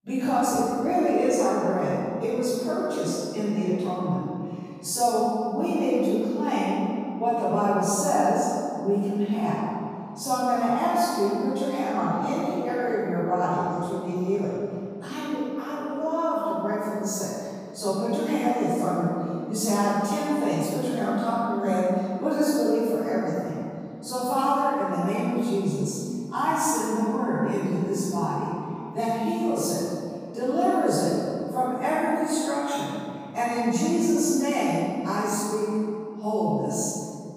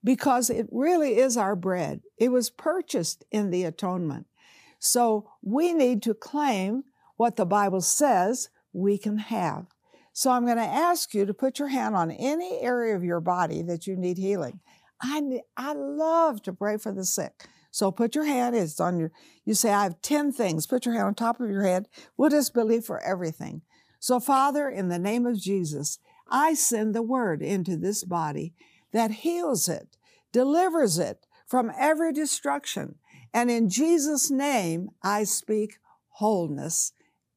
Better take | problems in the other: second | off-mic speech; far // room echo; strong; dies away in 2.4 s

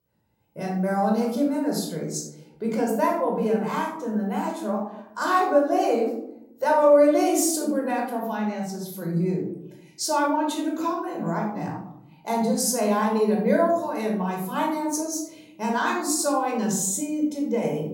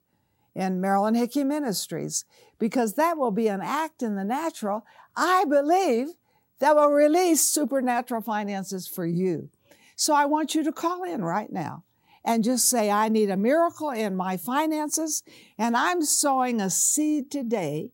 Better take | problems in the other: second | off-mic speech; somewhat distant // room echo; noticeable; dies away in 0.6 s

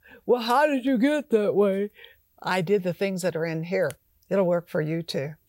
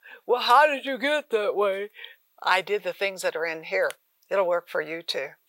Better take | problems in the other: first | thin; very; fading below 600 Hz

